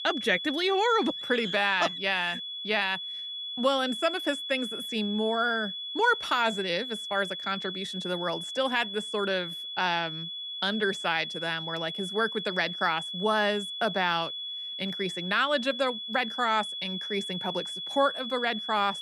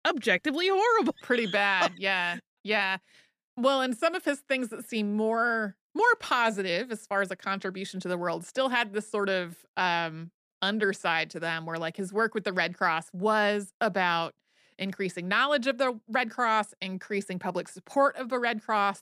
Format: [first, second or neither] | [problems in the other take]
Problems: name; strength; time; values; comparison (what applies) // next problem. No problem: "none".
second | high-pitched whine; loud; throughout; 3.5 kHz, 5 dB below the speech